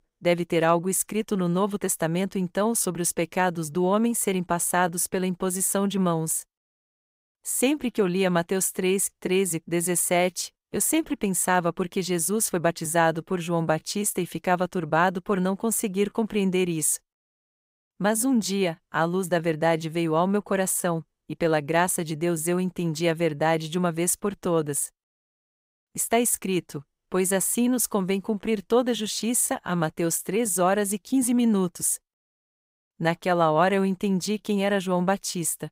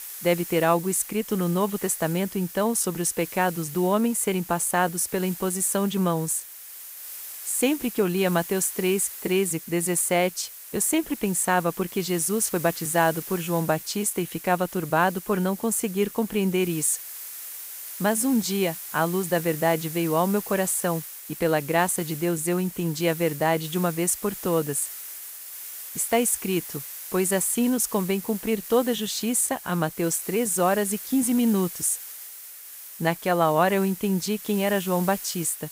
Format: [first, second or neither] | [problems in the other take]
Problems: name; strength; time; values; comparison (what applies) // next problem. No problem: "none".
first | hiss; noticeable; throughout; 10 dB below the speech